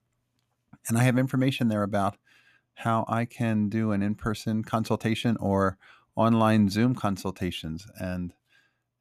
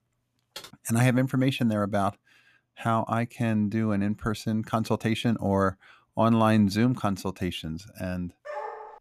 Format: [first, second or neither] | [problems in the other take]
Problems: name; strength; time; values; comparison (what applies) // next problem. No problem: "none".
first | keyboard typing; faint; at 0.5 s; peak 15 dB below the speech // dog barking; faint; at 8.5 s; peak 10 dB below the speech